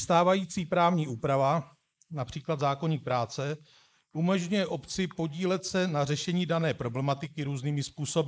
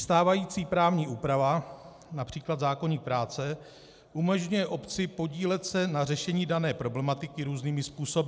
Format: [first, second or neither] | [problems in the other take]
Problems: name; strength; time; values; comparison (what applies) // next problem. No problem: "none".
second | noise reduction (neural mask model Resemble Enhance denoiser)